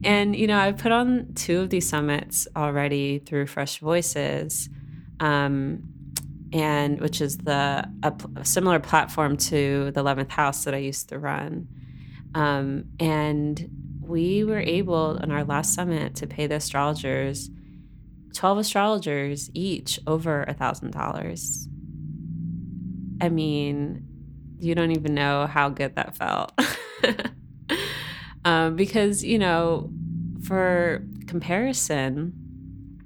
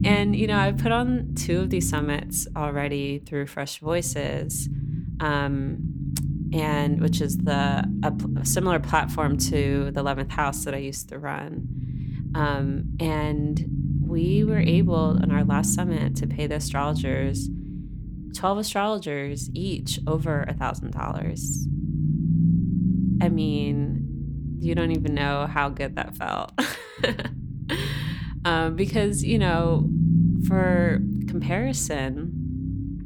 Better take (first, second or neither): first